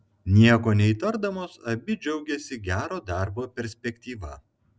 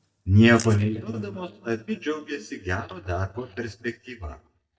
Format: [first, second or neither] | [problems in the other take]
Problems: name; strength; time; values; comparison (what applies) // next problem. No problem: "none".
first | noise reduction (neural mask model DeepFilterNet 3)